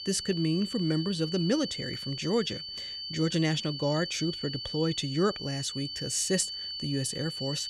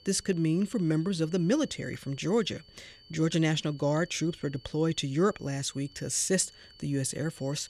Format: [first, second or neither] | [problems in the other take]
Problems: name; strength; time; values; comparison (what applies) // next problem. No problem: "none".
second | high-pitched whine; loud; throughout; 4.5 kHz, 6 dB below the speech; faint in the second